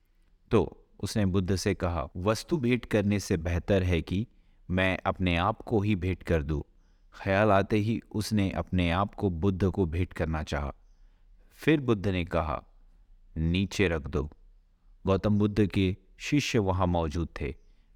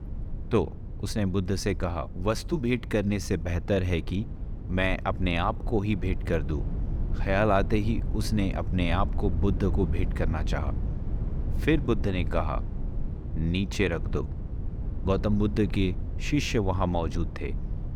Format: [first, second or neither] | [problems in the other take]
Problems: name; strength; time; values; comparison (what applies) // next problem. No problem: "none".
first | low rumble; noticeable; throughout; 15 dB below the speech